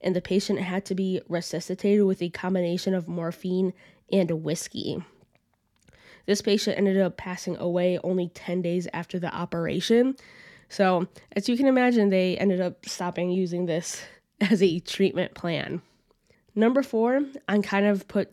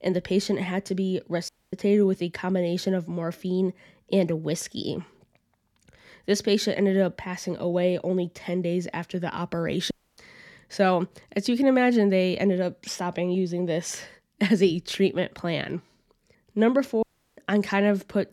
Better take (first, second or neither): first